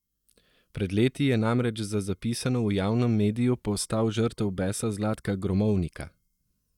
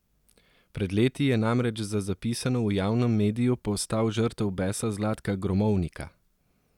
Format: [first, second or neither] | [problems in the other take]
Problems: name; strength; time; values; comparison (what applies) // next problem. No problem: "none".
second | noise reduction (neural mask model DeepFilterNet 3)